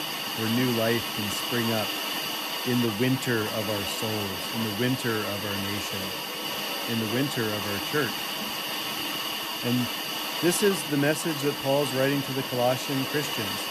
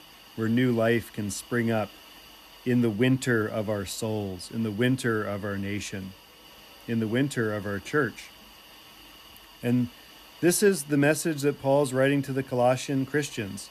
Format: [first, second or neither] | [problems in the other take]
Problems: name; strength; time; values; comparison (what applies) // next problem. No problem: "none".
second | hiss; loud; throughout; 1 dB below the speech; faint in the second